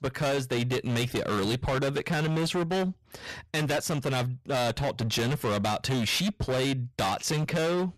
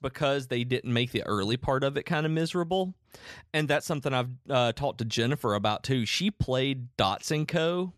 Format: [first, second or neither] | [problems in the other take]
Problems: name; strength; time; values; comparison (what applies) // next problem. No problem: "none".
second | distortion; heavy; 30% of the sound clipped